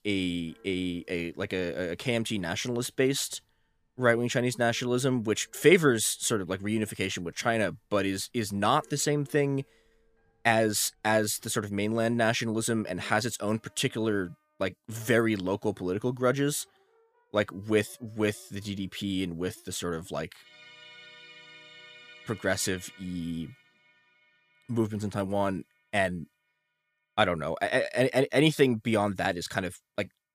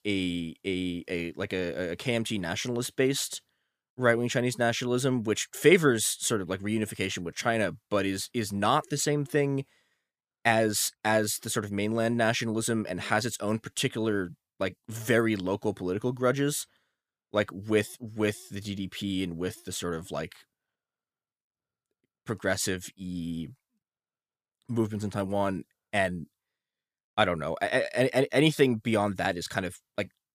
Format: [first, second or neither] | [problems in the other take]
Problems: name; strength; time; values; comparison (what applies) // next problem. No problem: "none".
second | background music; faint; throughout; 25 dB below the speech